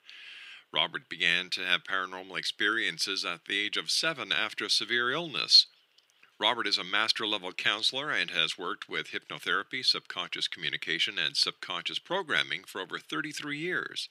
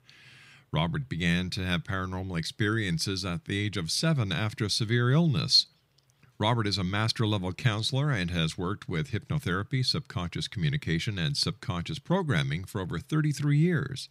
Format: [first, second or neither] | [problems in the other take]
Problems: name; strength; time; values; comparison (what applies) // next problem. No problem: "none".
second | thin; very; fading below 350 Hz